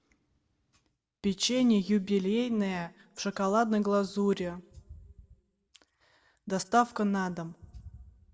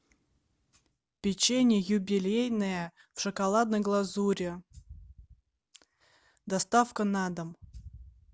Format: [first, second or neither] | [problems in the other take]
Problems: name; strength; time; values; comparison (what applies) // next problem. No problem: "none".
second | room echo; dies away in 0.9 s